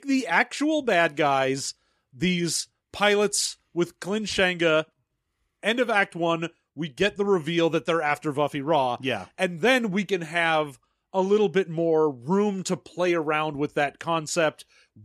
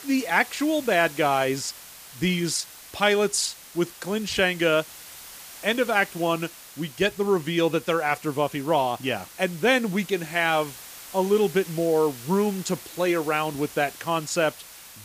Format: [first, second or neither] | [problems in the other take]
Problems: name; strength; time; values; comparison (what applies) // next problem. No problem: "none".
first | hiss; noticeable; throughout; 15 dB below the speech